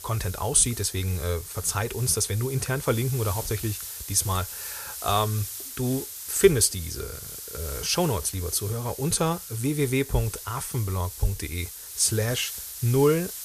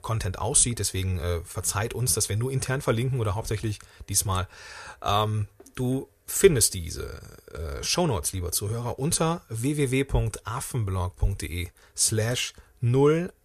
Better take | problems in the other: second | hiss; loud; throughout; 10 dB below the speech

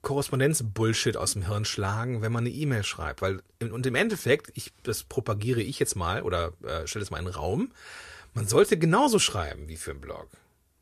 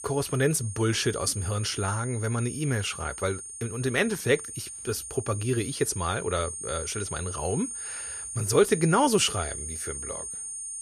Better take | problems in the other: first | high-pitched whine; loud; throughout; 9 kHz, 7 dB below the speech

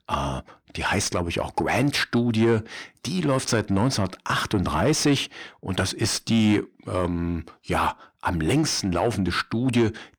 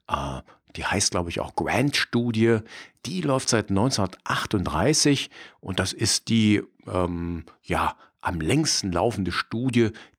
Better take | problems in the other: second | distortion; slight; 10 dB below the speech

